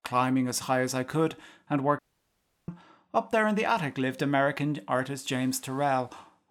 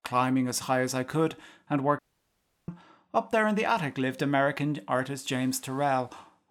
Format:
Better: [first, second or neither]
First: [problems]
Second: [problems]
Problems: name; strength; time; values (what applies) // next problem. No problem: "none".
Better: neither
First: audio cutting out; at 2 s for 0.5 s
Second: audio cutting out; at 2 s for 0.5 s